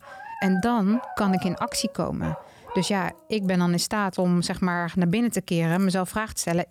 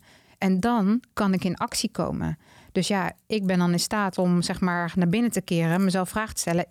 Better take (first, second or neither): second